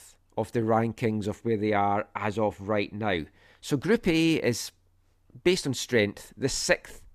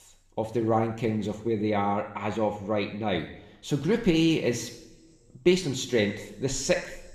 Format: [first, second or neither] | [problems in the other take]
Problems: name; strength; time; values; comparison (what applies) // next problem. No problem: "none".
first | room echo; slight; dies away in 1 s